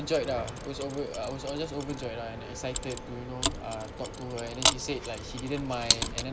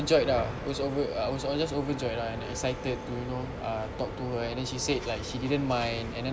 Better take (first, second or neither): second